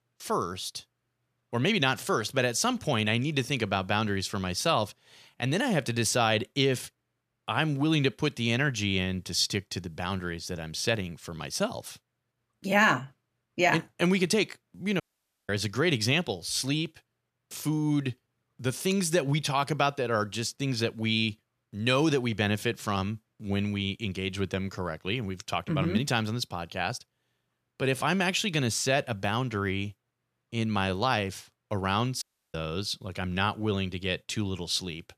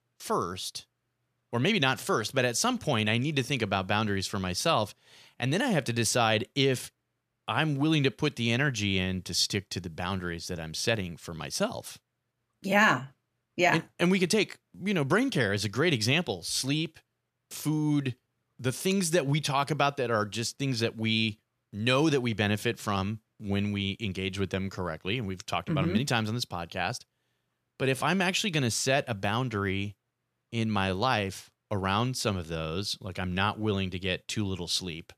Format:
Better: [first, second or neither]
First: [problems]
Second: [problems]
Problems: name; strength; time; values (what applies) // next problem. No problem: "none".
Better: second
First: audio cutting out; at 15 s and at 32 s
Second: none